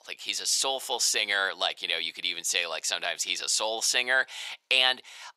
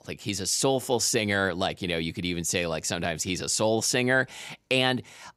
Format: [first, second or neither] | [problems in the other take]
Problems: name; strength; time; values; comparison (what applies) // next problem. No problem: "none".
second | thin; very; fading below 850 Hz